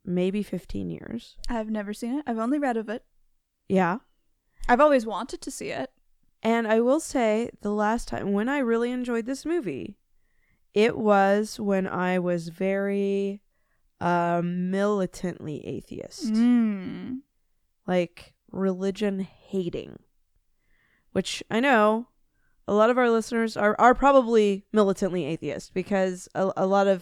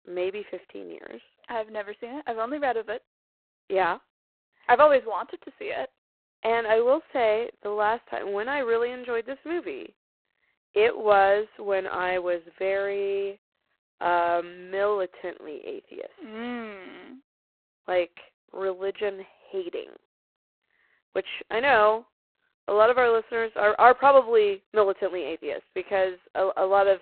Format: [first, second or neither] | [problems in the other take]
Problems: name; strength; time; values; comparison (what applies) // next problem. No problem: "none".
first | phone-call audio; poor line; nothing above 4 kHz